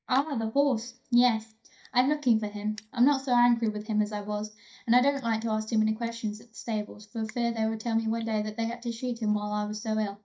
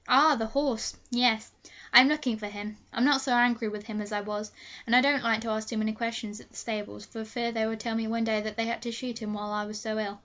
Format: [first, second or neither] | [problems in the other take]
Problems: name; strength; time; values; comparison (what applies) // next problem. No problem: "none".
second | noise reduction (neural mask model DeepFilterNet 3)